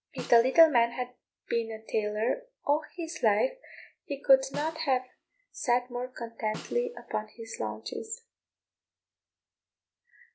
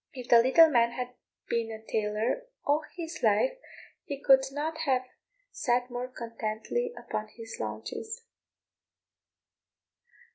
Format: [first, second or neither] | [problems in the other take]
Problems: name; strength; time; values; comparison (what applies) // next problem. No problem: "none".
second | background sound (Snare drum); 19 dB below the speech